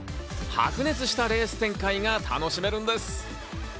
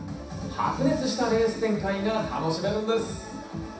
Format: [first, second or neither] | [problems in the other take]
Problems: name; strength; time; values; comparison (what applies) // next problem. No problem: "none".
first | room echo; dies away in 0.7 s